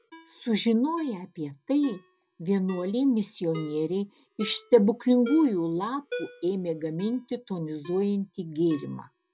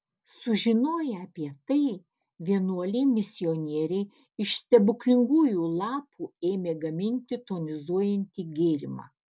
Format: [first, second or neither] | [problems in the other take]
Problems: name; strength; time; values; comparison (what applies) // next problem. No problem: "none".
second | background sound (Ringtone); 19 dB below the speech